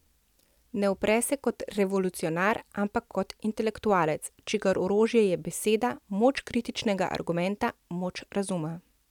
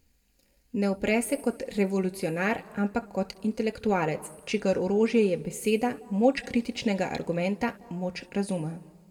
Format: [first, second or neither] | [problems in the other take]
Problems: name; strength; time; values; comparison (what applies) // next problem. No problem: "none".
first | room echo; dies away in 1 s